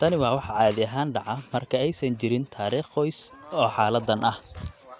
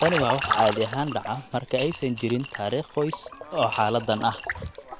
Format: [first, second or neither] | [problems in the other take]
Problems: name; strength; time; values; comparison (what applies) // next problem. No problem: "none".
first | background sound (Liquid + Coin (dropping) / Glass); 7 dB below the speech